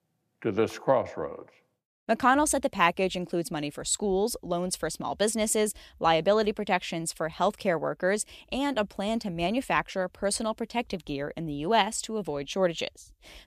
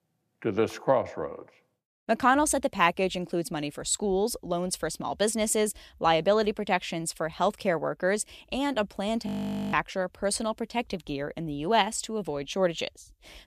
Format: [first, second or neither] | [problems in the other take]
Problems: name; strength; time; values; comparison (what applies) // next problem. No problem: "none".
first | audio freezing; at 9.5 s